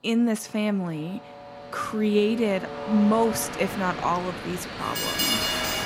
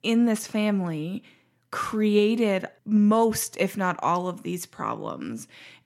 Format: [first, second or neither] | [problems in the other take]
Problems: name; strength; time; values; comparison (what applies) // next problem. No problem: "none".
second | train or aircraft noise; loud; throughout; 3 dB below the speech